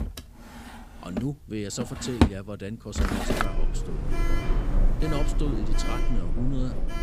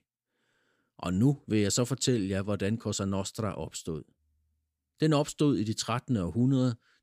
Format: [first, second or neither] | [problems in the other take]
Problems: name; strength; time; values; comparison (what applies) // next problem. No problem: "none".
second | household noises; very loud; throughout; 4 dB above the speech